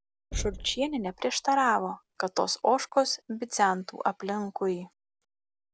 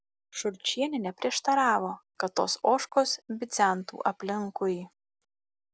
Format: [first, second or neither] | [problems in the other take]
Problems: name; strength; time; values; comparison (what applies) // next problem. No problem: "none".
second | background sound (Knock); 14 dB below the speech